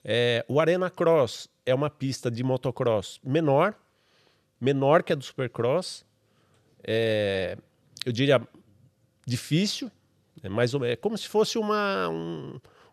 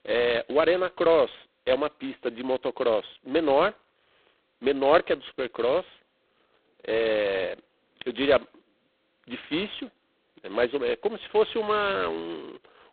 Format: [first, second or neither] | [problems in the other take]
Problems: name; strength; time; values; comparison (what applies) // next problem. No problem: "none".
first | phone-call audio; poor line; nothing above 4 kHz